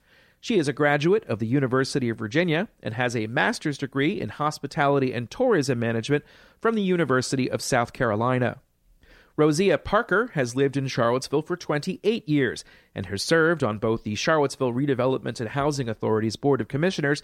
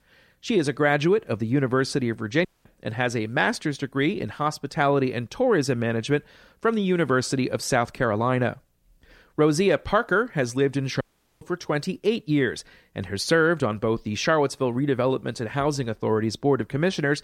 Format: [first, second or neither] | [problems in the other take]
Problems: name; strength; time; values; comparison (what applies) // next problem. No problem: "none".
first | audio cutting out; at 2.5 s and at 11 s